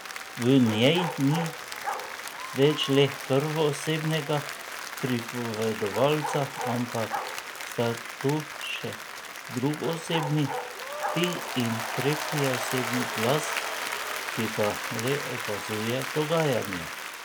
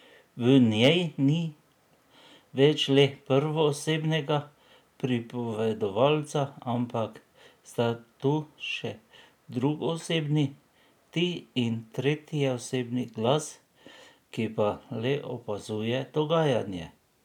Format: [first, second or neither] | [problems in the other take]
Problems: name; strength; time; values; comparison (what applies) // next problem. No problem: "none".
second | background sound (Bark + Applause); 6 dB below the speech